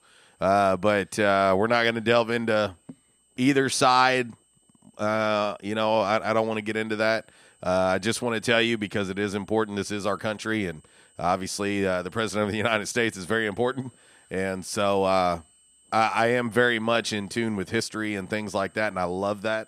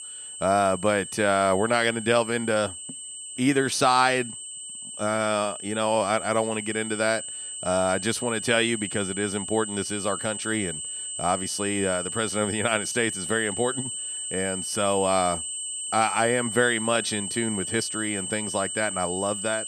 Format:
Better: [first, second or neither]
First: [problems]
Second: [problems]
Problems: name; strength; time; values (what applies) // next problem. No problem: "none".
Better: first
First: high-pitched whine; faint; throughout; 8 kHz, 35 dB below the speech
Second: high-pitched whine; loud; throughout; 8 kHz, 6 dB below the speech